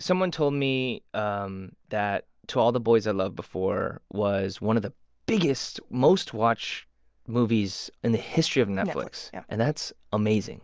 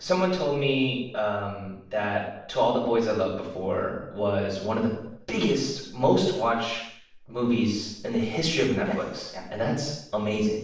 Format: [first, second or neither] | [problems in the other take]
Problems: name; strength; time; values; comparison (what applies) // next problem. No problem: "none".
first | room echo; dies away in 0.7 s